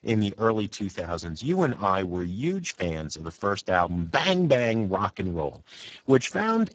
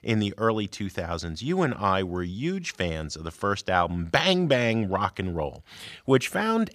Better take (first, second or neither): second